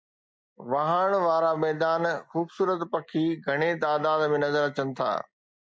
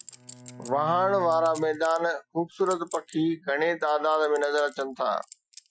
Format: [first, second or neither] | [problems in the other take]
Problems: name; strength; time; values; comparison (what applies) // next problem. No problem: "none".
first | noise reduction (classical method Wiener filter)